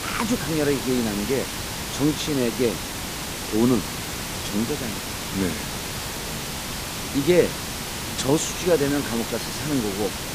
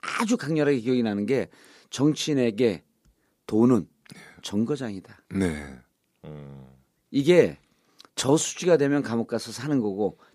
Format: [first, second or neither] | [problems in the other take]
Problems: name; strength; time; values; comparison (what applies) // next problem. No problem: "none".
second | hiss; loud; throughout; 4 dB below the speech